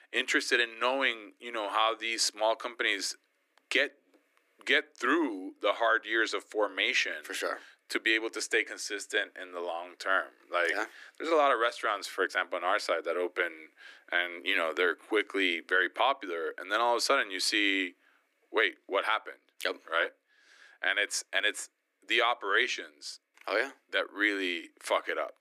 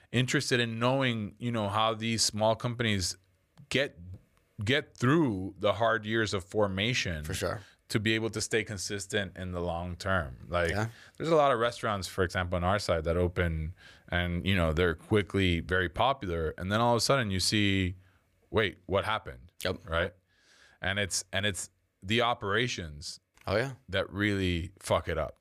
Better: second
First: thin; somewhat; fading below 300 Hz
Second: none

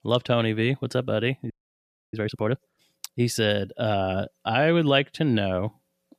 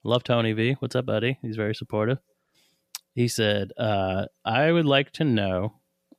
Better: second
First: audio freezing; at 1.5 s for 0.5 s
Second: none

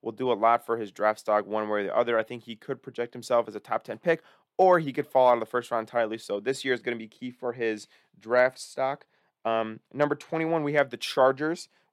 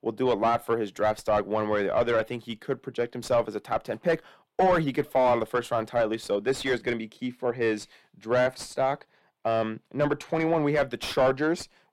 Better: first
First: none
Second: distortion; heavy; 7 dB below the speech

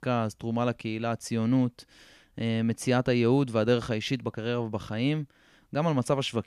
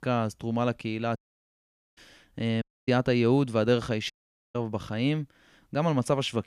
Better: first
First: none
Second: audio cutting out; at 1 s for 1 s, at 2.5 s and at 4 s

